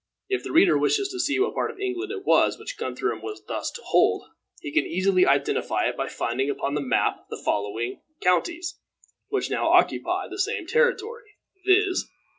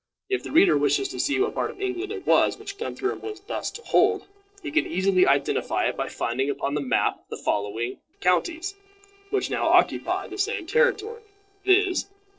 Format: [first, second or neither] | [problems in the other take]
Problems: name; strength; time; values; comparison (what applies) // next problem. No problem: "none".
first | noise reduction (neural separator model SepFormer DNS4)